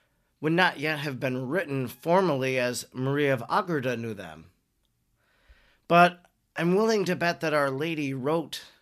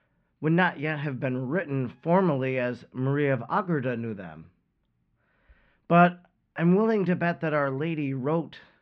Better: first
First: none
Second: muffled; very; fading above 2.5 kHz

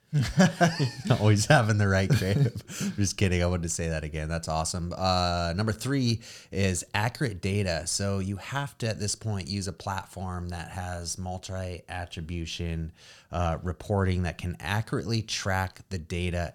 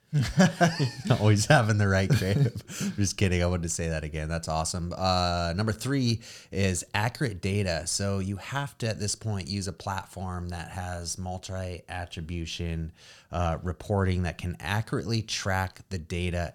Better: neither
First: none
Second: none

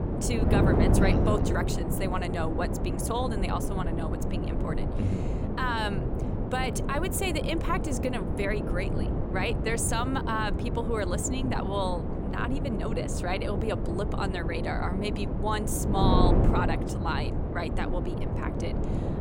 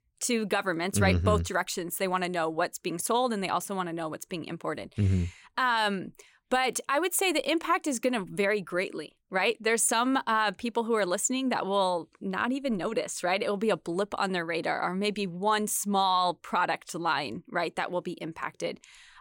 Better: second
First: wind noise on the microphone; heavy; 3 dB below the speech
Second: none

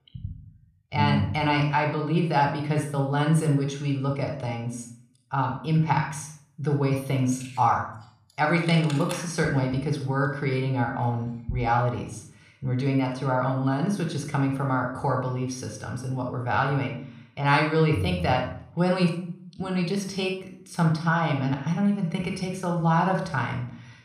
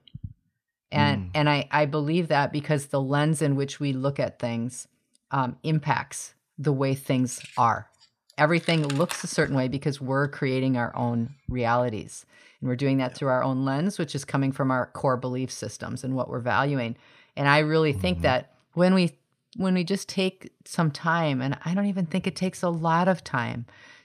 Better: second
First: off-mic speech; somewhat distant // room echo; noticeable; dies away in 0.5 s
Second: none

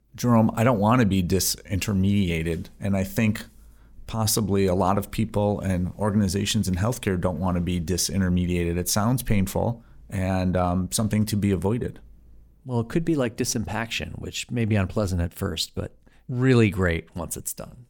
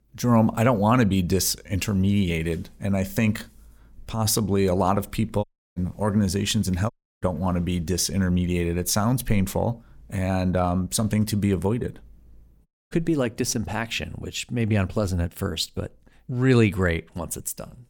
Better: first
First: none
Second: audio cutting out; at 5.5 s, at 7 s and at 13 s

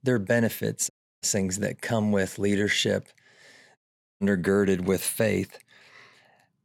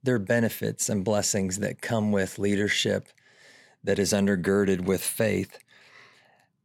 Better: second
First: audio cutting out; at 1 s and at 4 s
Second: none

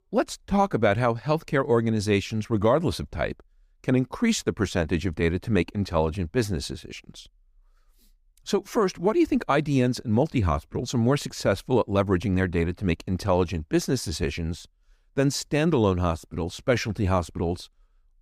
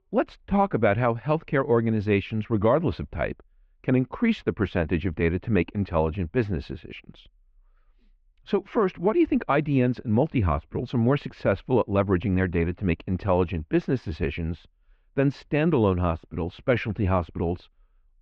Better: first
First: none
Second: muffled; very; fading above 3 kHz

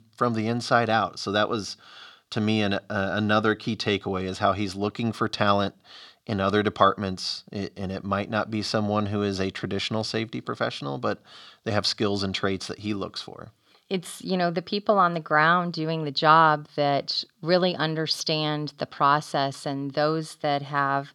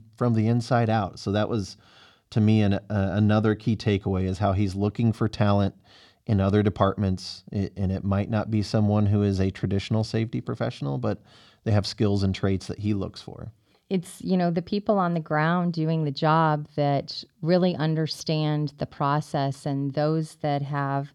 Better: second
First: thin; somewhat; fading below 400 Hz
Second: none

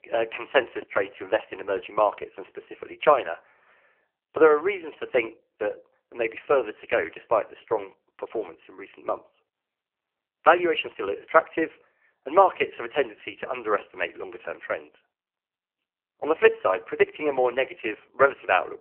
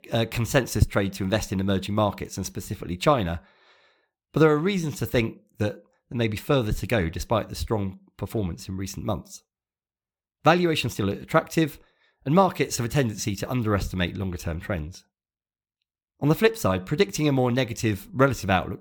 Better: second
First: phone-call audio; poor line; nothing above 3 kHz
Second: none

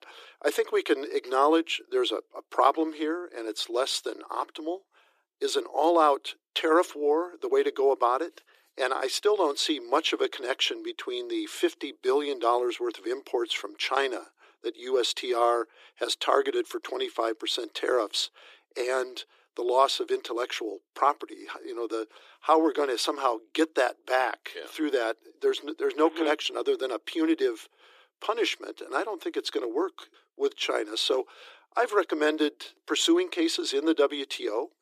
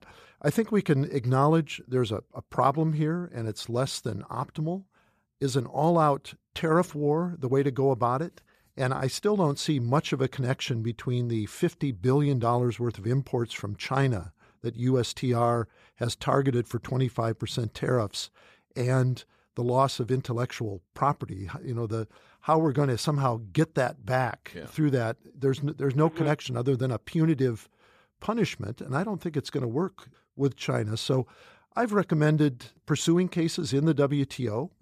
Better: second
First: thin; very; fading below 300 Hz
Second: none

